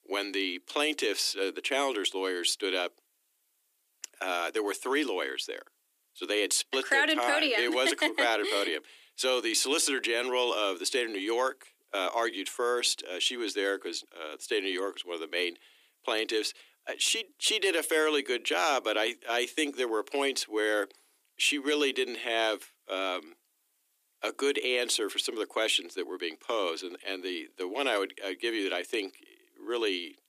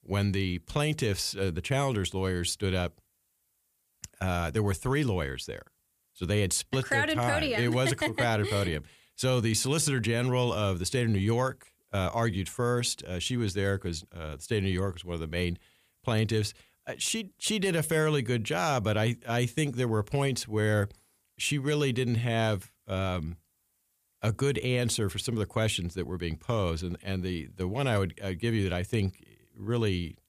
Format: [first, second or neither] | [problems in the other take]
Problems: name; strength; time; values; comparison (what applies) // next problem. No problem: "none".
second | thin; somewhat; fading below 300 Hz